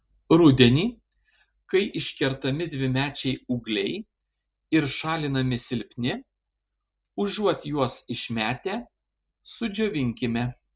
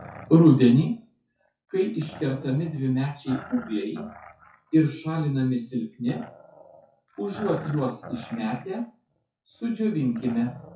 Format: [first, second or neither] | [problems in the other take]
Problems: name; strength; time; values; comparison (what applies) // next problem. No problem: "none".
first | noise reduction (classical method WPE with log-MMSE)